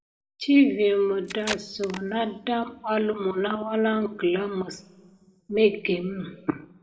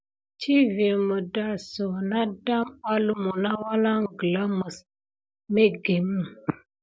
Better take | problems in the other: second | background sound (Packing tape, duct tape); 11 dB below the speech // room echo; dies away in 1.3 s

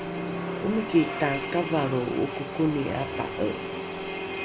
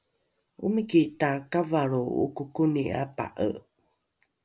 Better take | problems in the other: second | background sound (Drill); 4 dB below the speech

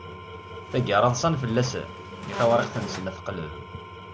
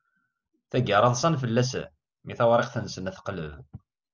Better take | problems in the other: second | background sound (Squeak + Engine / Tools); 10 dB below the speech

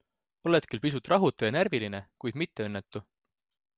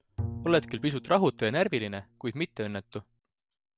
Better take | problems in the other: first | background sound (Bowed string instrument); 12 dB below the speech

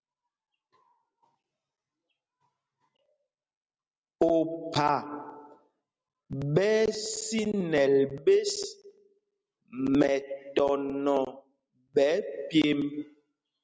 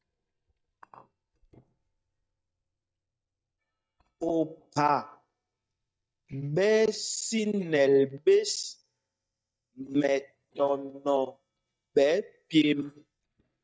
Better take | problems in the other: first | noise reduction (neural mask model DeepFilterNet 3)

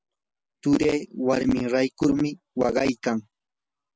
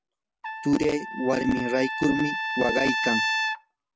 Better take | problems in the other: first | background sound (Trumpet); 3 dB below the speech

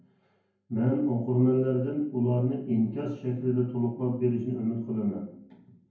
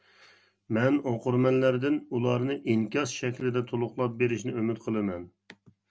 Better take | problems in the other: second | room echo; dies away in 0.9 s

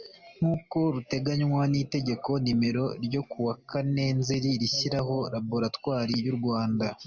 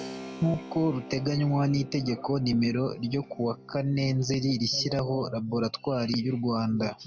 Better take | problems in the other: first | background sound (Keyboard (musical)); 18 dB below the speech

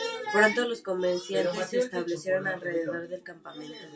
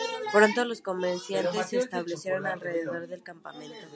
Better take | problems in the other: second | room echo; dies away in 0.1 s

